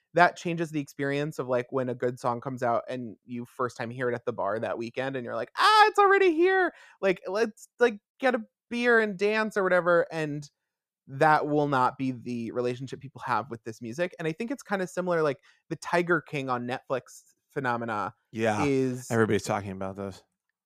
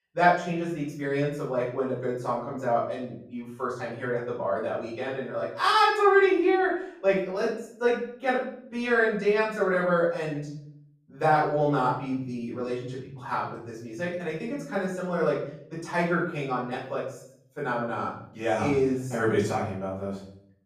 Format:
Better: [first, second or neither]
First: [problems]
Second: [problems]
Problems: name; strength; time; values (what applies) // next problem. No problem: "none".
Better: first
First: none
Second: room echo; noticeable; dies away in 0.6 s // off-mic speech; far